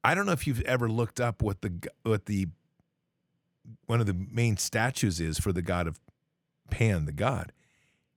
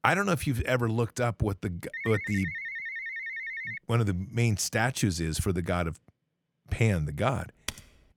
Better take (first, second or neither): first